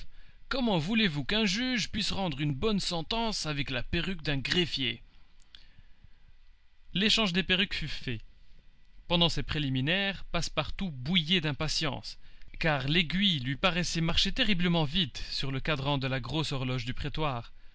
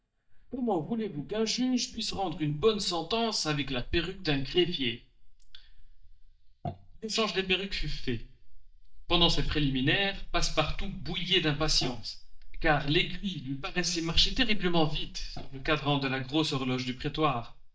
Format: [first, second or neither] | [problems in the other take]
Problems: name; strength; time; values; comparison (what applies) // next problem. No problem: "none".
first | noise reduction (neural mask model DeepFilterNet 3)